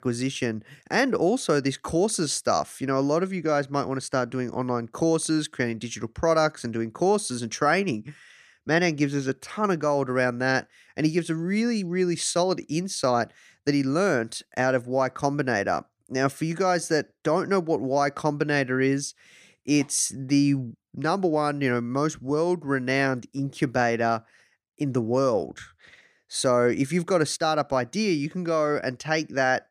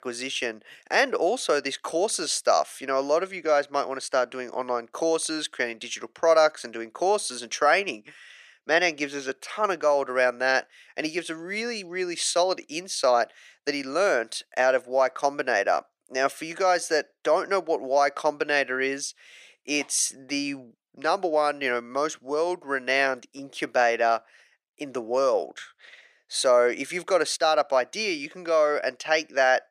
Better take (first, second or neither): first